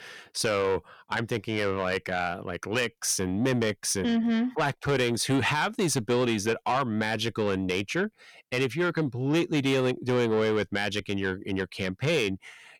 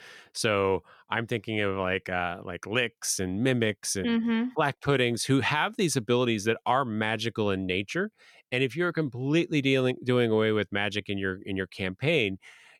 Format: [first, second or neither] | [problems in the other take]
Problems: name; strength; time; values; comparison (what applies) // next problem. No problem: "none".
second | distortion; slight; 10 dB below the speech